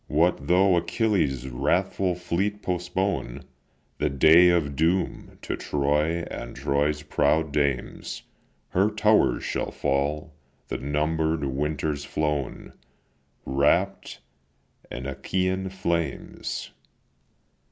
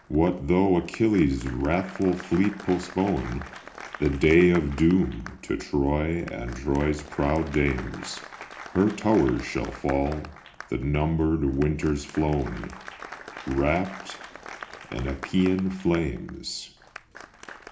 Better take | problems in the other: first | background sound (Applause); 17 dB below the speech // room echo; dies away in 0.4 s

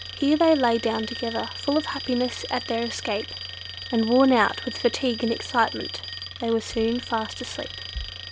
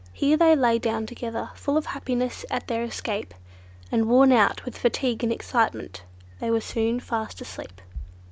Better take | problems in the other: second | background sound (Alarm); 11 dB below the speech

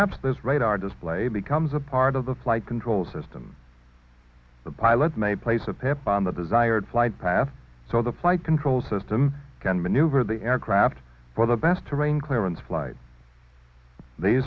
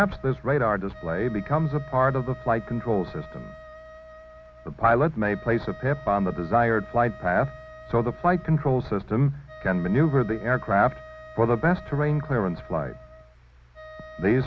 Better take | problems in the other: first | background sound (Wind instrument, woodwind instrument); 19 dB below the speech

